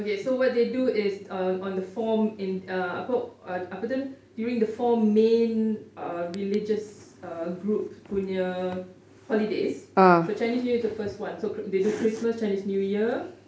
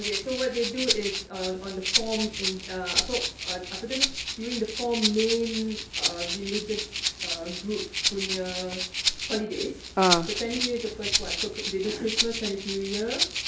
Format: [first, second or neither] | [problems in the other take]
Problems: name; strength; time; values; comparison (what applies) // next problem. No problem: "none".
first | background sound (Rattle (instrument)); as loud as the speech